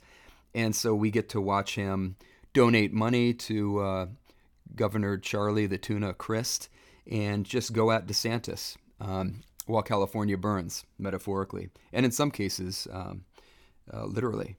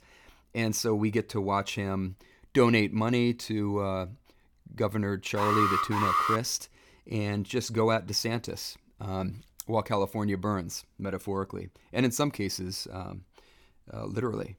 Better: first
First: none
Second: alarm; loud; from 5.5 to 6.5 s; peak 4 dB above the speech

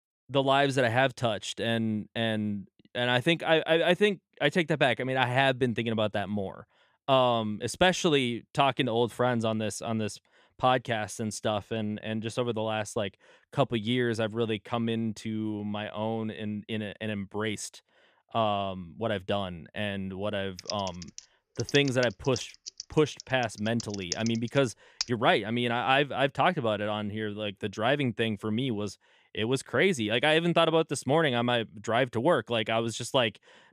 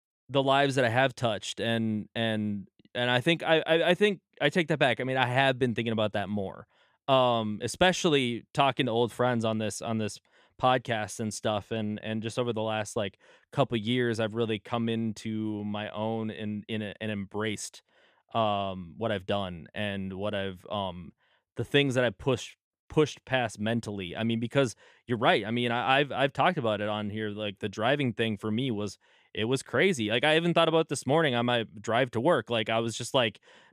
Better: second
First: keyboard typing; noticeable; from 21 to 25 s; peak 7 dB below the speech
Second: none

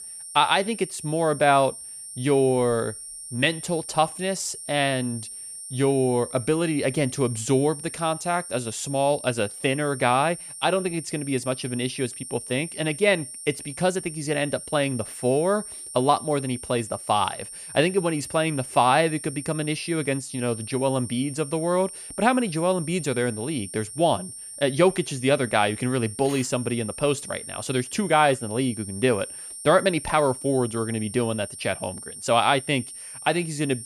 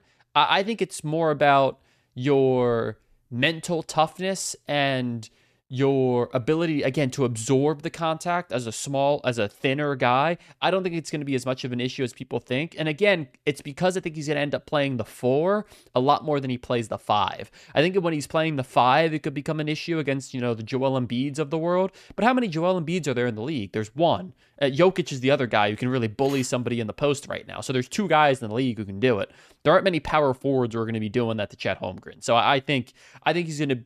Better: second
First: high-pitched whine; noticeable; throughout; 9 kHz, 10 dB below the speech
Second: none

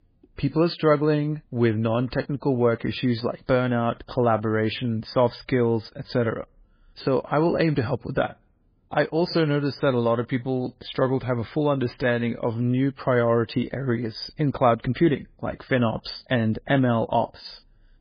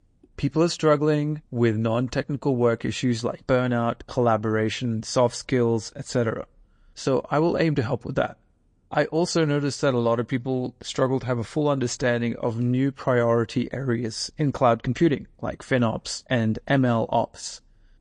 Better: second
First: garbled, watery; badly; nothing above 5 kHz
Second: garbled, watery; slightly; nothing above 8.5 kHz

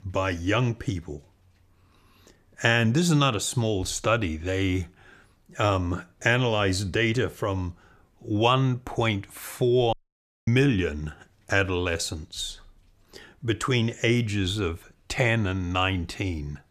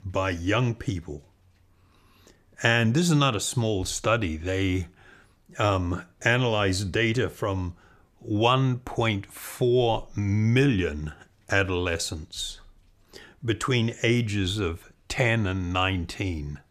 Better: second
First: audio cutting out; at 10 s for 0.5 s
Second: none

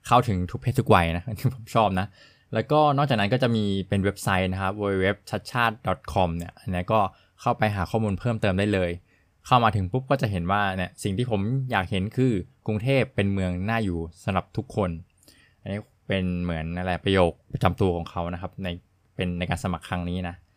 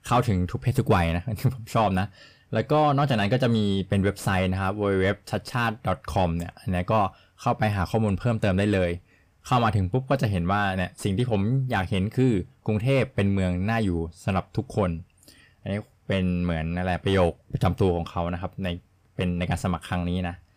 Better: first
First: none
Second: distortion; slight; 10 dB below the speech

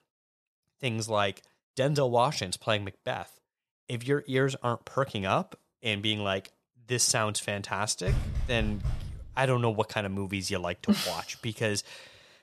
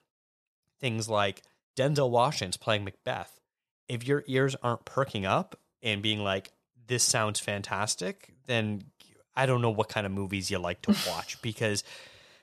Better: second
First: door banging; noticeable; from 8 to 9.5 s; peak 2 dB below the speech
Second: none

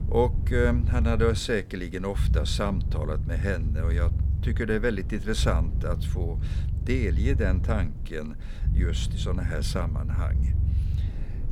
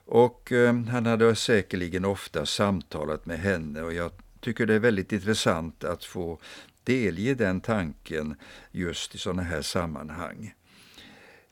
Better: second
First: low rumble; noticeable; throughout; 10 dB below the speech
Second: none

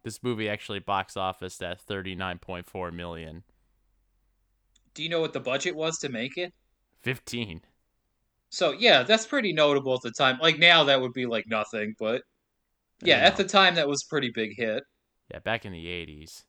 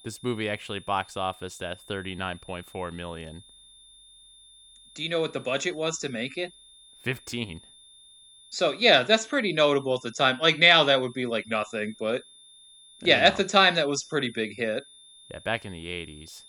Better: first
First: none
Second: high-pitched whine; faint; throughout; 3.5 kHz, 25 dB below the speech

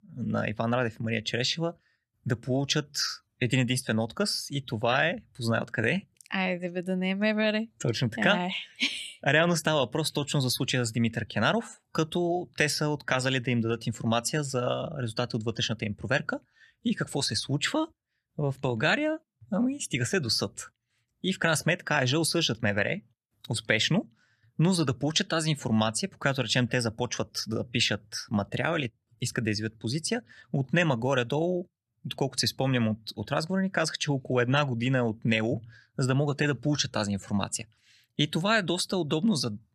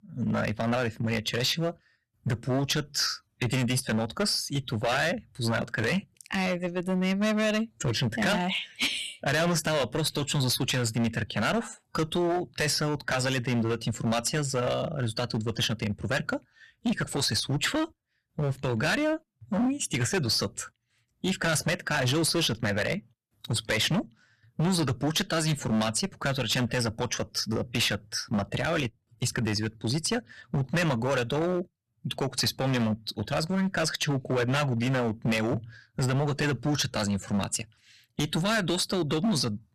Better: first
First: none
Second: distortion; heavy; 13% of the sound clipped

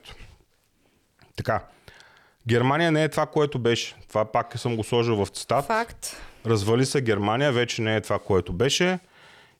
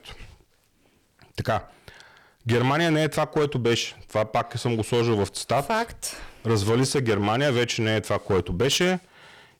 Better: first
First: none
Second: distortion; slight; 8% of the sound clipped

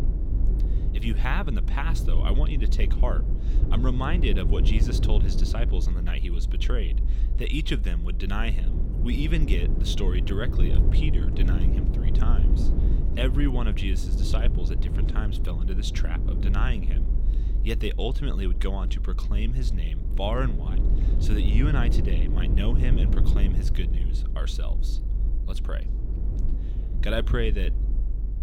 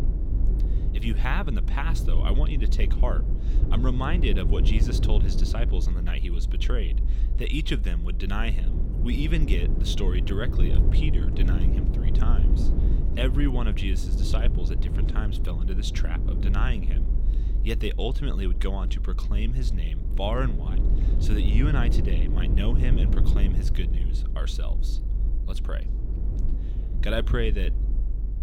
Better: neither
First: low rumble; loud; throughout; 7 dB below the speech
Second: low rumble; loud; throughout; 7 dB below the speech

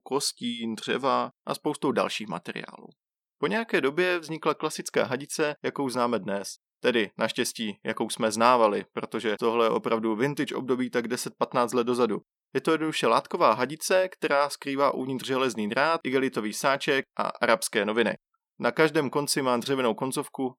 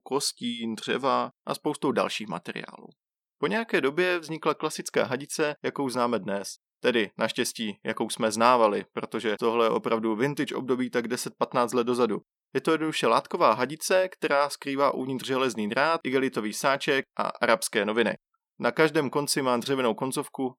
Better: neither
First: none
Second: none

